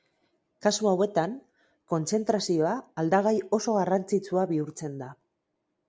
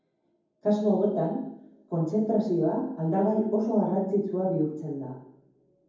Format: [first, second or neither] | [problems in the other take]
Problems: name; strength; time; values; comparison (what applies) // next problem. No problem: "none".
first | room echo; dies away in 0.9 s